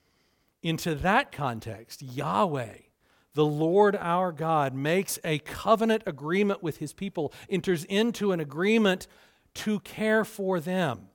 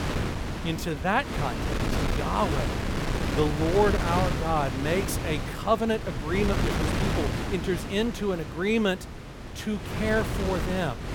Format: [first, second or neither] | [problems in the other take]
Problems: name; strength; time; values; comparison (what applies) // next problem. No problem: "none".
first | wind noise on the microphone; heavy; 4 dB below the speech